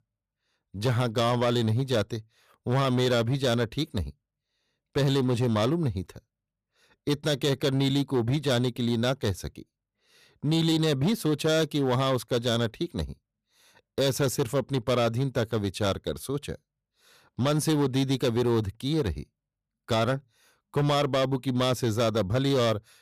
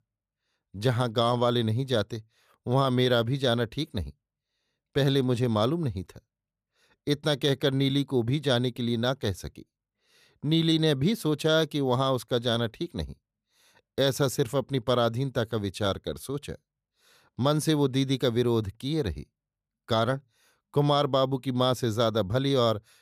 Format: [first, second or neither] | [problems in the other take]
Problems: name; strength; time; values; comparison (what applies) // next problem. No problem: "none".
second | distortion; slight; 9% of the sound clipped